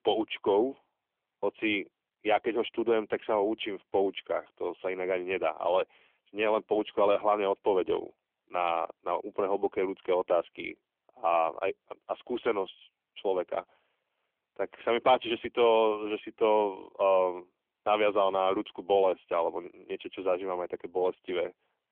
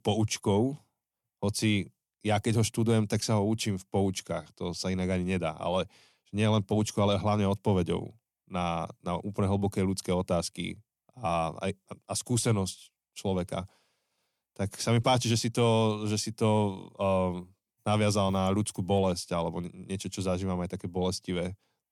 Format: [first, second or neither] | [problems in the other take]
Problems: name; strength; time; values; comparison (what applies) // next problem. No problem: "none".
second | phone-call audio; nothing above 3.5 kHz